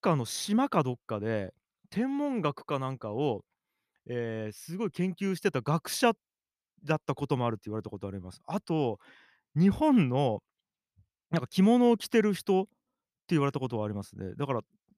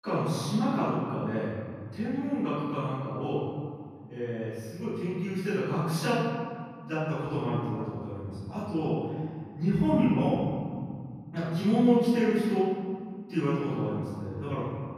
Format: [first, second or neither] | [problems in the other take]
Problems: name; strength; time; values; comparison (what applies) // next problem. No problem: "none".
first | room echo; strong; dies away in 2.3 s // off-mic speech; far